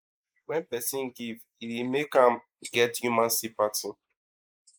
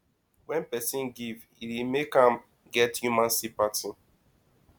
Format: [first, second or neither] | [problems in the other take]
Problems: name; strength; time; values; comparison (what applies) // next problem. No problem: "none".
second | noise reduction (neural mask model Resemble Enhance denoiser)